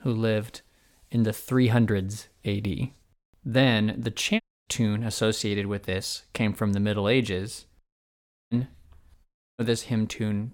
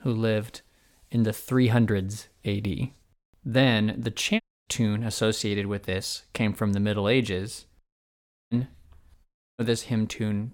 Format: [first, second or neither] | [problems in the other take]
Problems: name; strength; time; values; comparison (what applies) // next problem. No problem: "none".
neither | audio cutting out; at 4.5 s, at 8 s for 0.5 s and at 9.5 s; the same in both